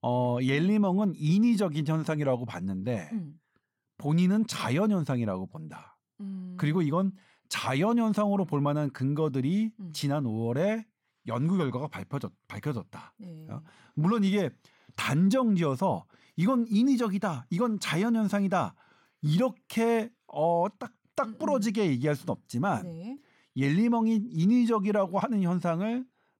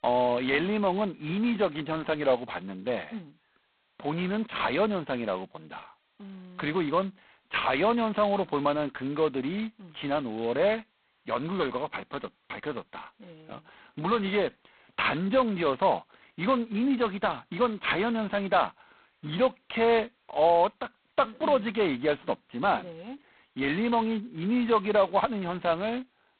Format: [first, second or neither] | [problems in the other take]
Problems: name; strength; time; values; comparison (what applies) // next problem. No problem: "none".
first | phone-call audio; poor line; nothing above 4 kHz